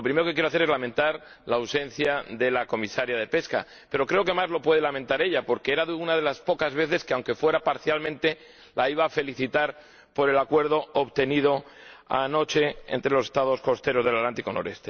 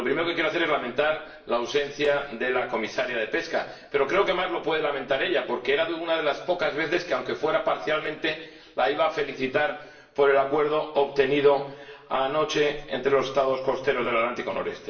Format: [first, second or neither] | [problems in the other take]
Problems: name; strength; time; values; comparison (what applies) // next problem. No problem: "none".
first | room echo; dies away in 0.8 s